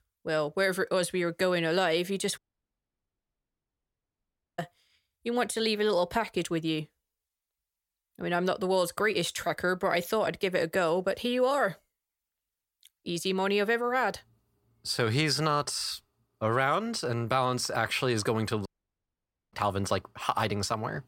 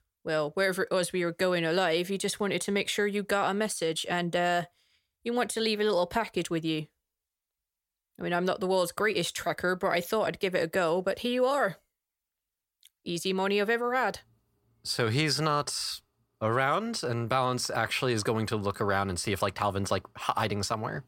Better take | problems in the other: second | audio cutting out; at 2.5 s for 2 s and at 19 s for 1 s

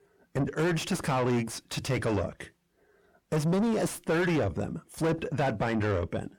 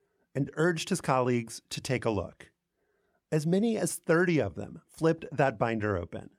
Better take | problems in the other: second | distortion; heavy; 6 dB below the speech

